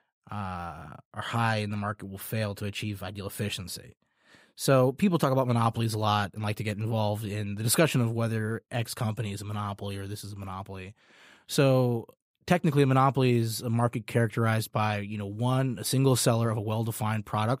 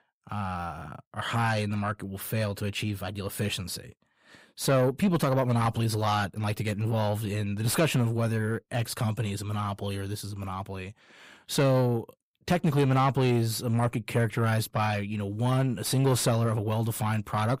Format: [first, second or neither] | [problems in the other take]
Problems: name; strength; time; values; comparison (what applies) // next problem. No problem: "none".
first | distortion; slight; 10 dB below the speech